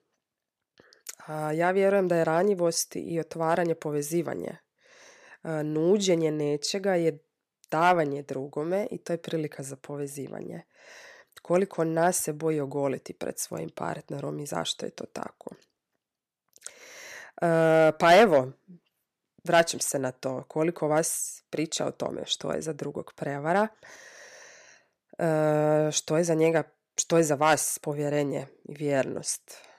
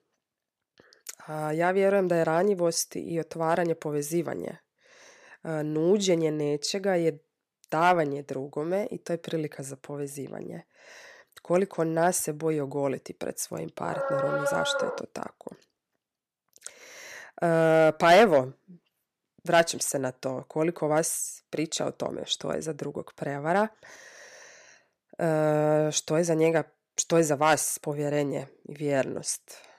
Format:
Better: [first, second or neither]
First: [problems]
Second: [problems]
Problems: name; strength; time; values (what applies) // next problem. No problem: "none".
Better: first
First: none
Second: dog barking; noticeable; from 14 to 15 s; peak 1 dB below the speech